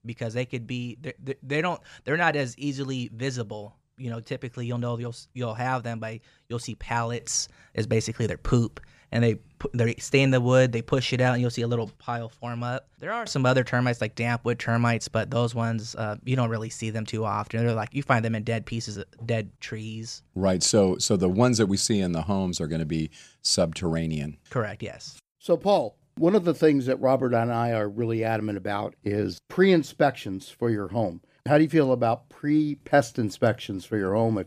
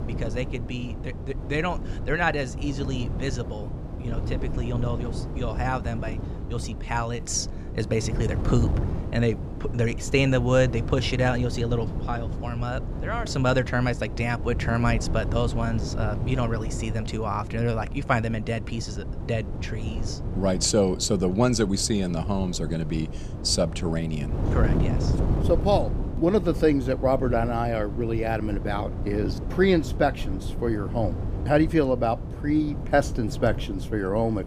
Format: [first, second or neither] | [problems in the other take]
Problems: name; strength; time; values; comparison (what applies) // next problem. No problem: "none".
first | wind noise on the microphone; occasional gusts; 10 dB below the speech